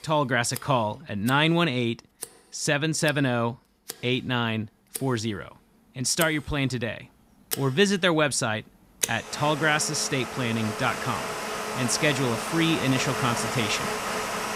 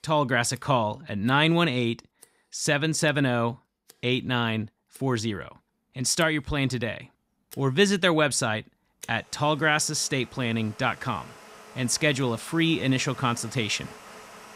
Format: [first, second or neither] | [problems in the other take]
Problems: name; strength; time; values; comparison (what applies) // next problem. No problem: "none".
second | household noises; loud; throughout; 6 dB below the speech; faint in the second